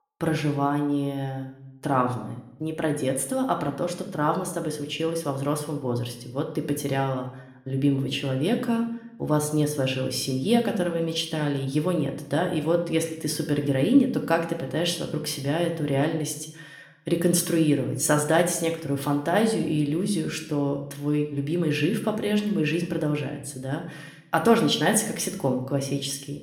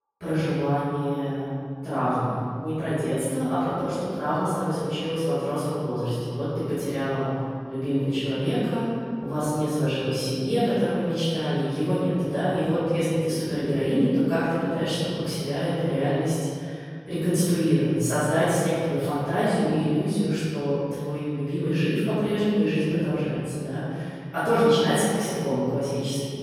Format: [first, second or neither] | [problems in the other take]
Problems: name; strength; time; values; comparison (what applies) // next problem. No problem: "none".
first | room echo; strong; dies away in 2.3 s; slight in the first // off-mic speech; far